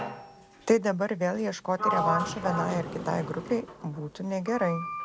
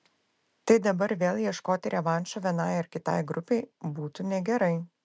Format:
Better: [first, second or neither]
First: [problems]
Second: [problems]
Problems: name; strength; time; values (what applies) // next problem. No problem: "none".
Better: second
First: background sound (Sliding door); 5 dB below the speech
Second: none